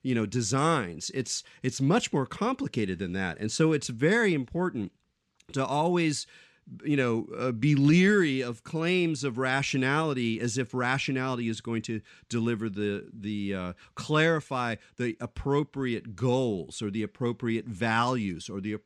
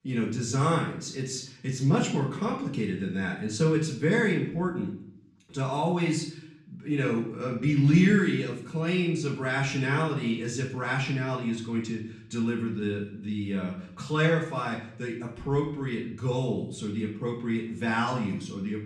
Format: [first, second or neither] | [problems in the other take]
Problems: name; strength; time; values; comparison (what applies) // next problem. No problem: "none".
first | off-mic speech; far // room echo; slight; dies away in 0.6 s